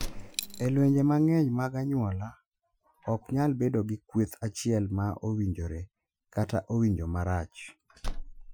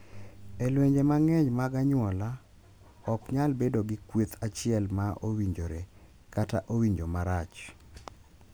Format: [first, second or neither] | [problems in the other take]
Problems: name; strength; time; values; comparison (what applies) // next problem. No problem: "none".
second | noise reduction (classical method Wiener filter)